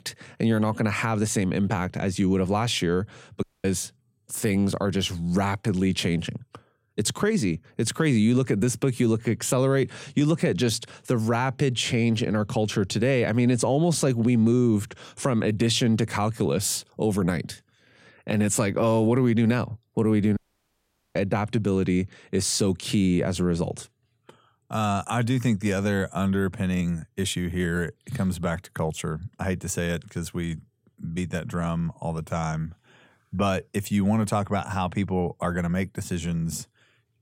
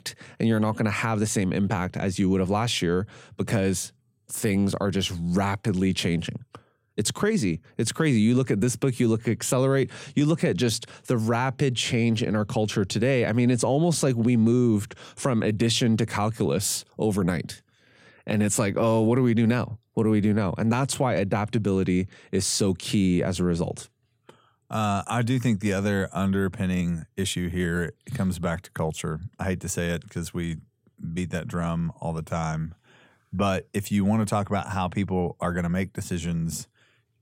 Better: second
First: audio cutting out; at 3.5 s and at 20 s for 1 s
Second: none

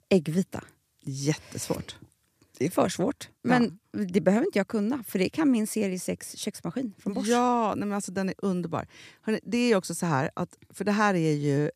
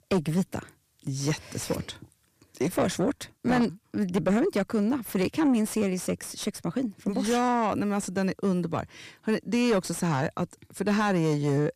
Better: first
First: none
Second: distortion; slight; 10 dB below the speech

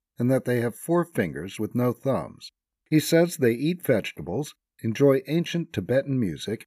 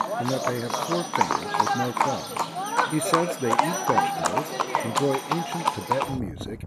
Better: first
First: none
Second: animal sounds; very loud; throughout; 5 dB above the speech

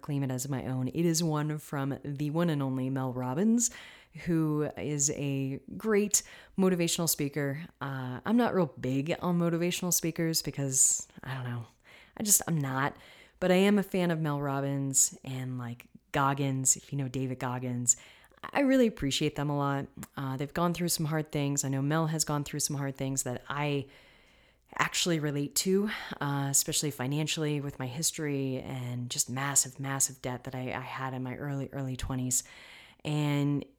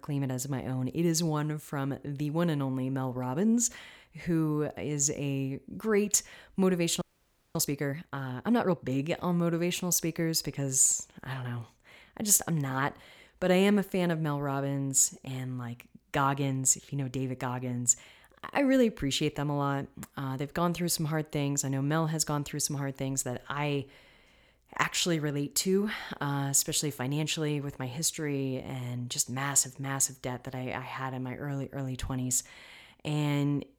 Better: first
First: none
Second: audio freezing; at 7 s for 0.5 s

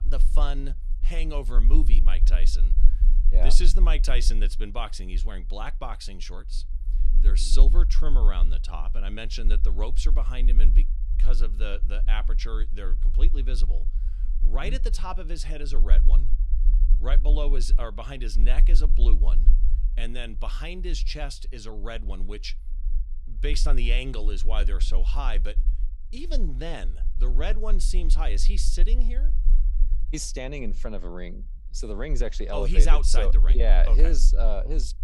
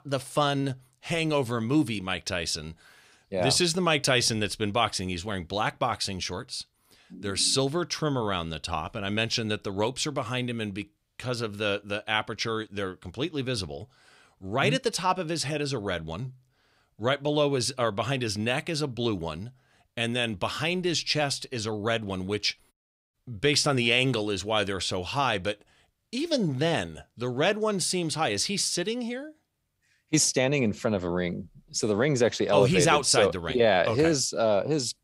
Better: second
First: low rumble; noticeable; throughout; 15 dB below the speech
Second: none

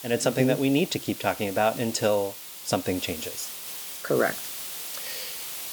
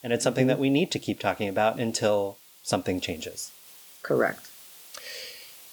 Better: second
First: hiss; loud; throughout; 9 dB below the speech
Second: hiss; faint; throughout; 20 dB below the speech

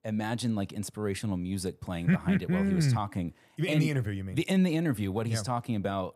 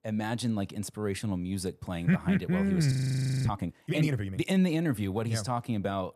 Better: first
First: none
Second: audio freezing; at 3 s for 0.5 s

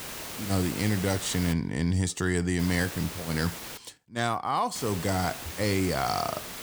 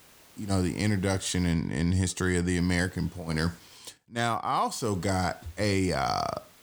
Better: second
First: hiss; loud; until 1.5 s, from 2.5 to 4 s and from 5 s on; 9 dB below the speech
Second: hiss; faint; until 1.5 s, from 2.5 to 4 s and from 5 s on; 25 dB below the speech

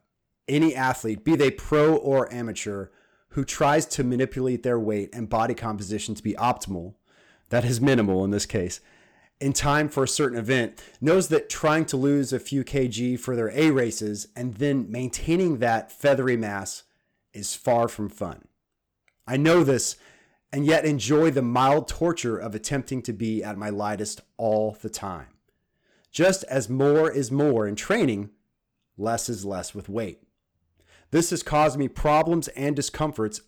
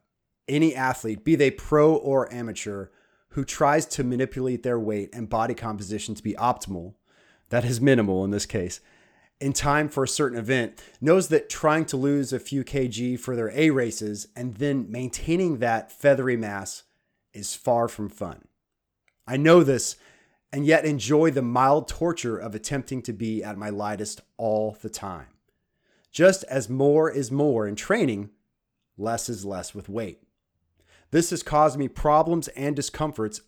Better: second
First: distortion; slight; 3% of the sound clipped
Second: none

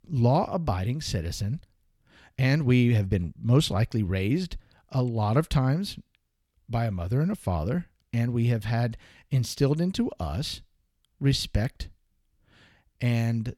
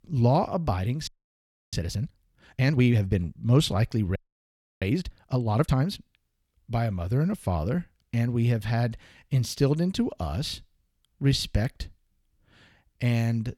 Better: first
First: none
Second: audio freezing; at 1 s for 0.5 s and at 4 s for 0.5 s

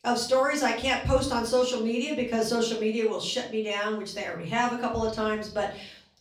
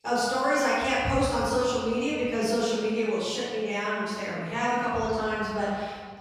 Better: first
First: room echo; slight; dies away in 0.4 s // off-mic speech; far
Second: room echo; strong; dies away in 1.7 s // off-mic speech; far

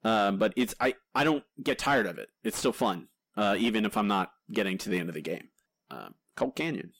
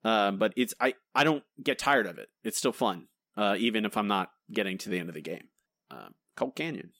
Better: second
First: distortion; slight; 10 dB below the speech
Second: none

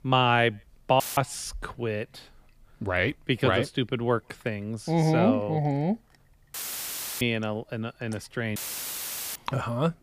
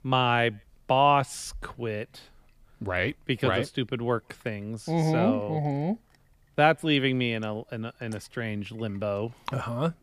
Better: second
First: audio cutting out; filled with static; at 1 s, at 6.5 s for 0.5 s and at 8.5 s for 1 s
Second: none

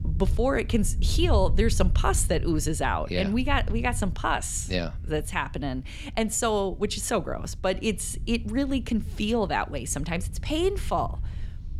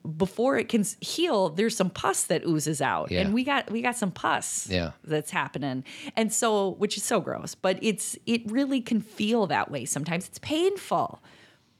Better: second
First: low rumble; faint; throughout; 20 dB below the speech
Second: none

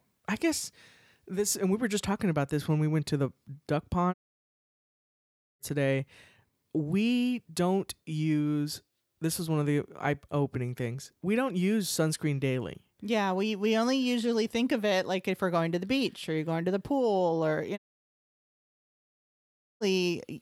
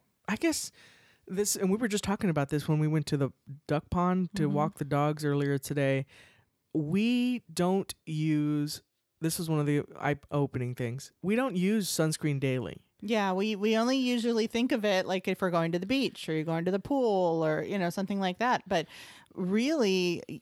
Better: second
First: audio cutting out; at 4 s for 1.5 s and at 18 s for 2 s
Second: none

